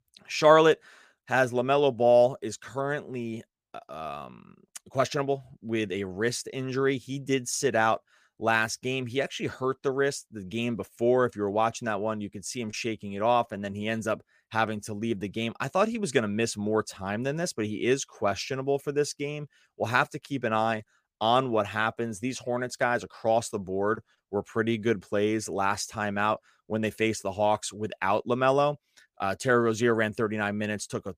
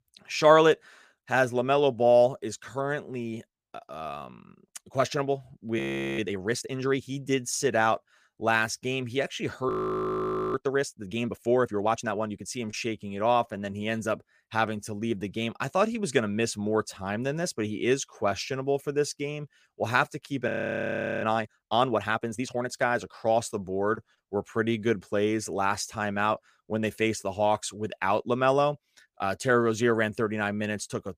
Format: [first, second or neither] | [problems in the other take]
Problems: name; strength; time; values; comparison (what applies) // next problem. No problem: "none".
first | audio freezing; at 6 s, at 9.5 s for 1 s and at 20 s for 1 s